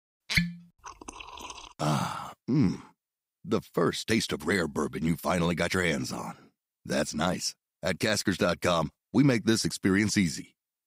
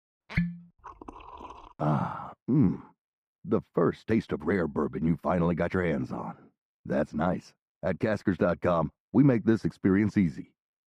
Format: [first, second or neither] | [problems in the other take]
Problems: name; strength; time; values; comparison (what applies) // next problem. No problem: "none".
first | muffled; very; fading above 2.5 kHz